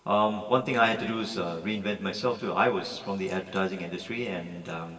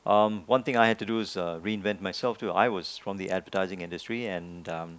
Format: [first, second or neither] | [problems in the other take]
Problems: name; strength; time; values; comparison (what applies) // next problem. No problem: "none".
second | room echo; dies away in 2.3 s